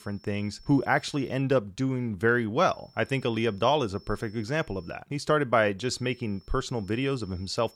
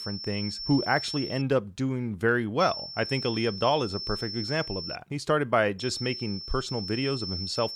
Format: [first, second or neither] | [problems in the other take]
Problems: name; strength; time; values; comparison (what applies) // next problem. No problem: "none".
first | high-pitched whine; loud; until 1.5 s, from 2.5 to 5 s and from 6 s on; 5.5 kHz, 6 dB below the speech; faint in the first